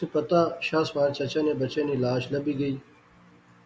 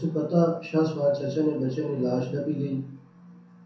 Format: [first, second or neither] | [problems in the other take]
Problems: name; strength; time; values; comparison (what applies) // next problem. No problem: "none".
first | room echo; dies away in 0.5 s